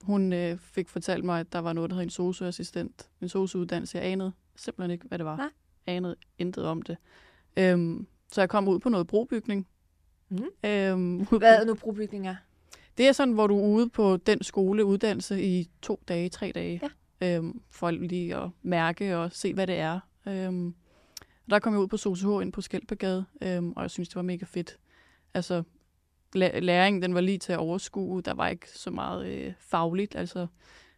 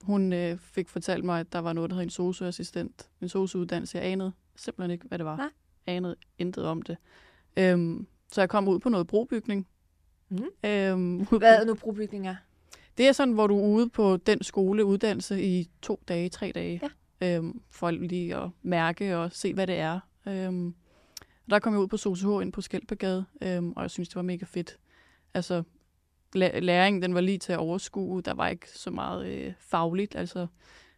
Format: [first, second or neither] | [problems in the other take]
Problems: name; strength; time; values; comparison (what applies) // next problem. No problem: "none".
neither | none